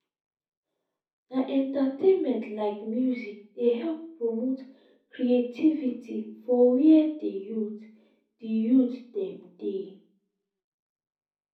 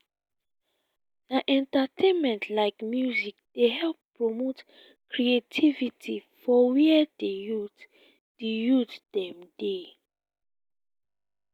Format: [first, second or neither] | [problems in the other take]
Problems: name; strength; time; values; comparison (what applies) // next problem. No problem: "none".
second | room echo; dies away in 0.6 s